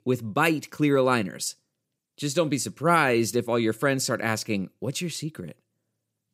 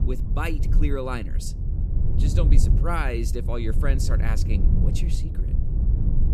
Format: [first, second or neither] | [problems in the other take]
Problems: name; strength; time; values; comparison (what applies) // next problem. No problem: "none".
first | low rumble; loud; throughout; 7 dB below the speech